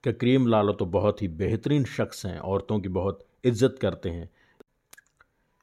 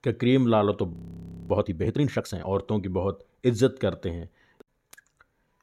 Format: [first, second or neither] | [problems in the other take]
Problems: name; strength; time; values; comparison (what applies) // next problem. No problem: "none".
first | audio freezing; at 1 s for 0.5 s